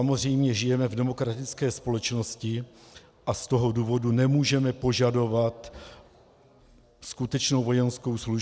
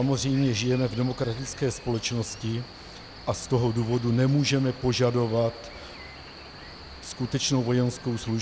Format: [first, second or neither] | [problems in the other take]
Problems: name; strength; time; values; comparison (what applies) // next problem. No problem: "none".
first | background sound (Cricket); 16 dB below the speech